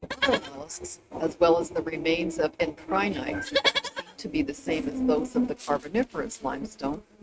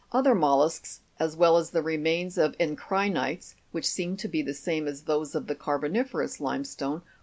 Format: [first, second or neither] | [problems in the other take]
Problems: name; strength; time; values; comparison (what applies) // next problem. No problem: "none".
second | noise reduction (neural mask model RNNoise)